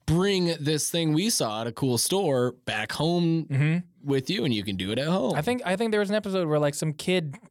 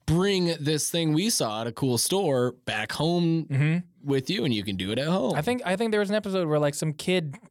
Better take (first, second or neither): neither